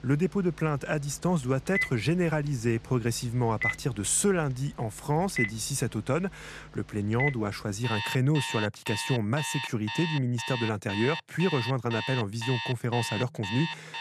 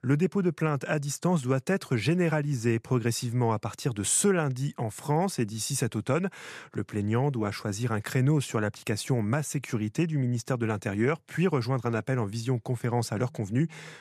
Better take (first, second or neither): second